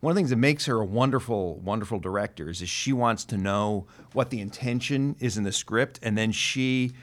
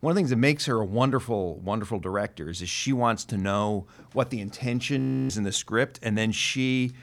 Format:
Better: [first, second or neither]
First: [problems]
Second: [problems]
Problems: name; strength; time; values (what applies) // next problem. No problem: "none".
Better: first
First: none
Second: audio freezing; at 5 s